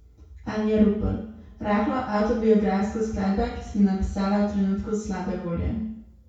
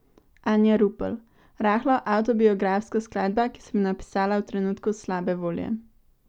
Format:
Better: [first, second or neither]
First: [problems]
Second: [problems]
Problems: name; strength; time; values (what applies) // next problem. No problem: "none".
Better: second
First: room echo; dies away in 0.6 s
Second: none